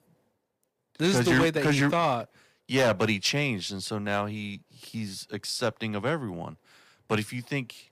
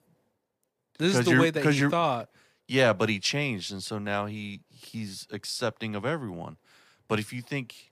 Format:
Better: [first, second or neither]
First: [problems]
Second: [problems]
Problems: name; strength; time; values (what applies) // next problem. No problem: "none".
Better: second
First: distortion; slight; 3% of the sound clipped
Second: none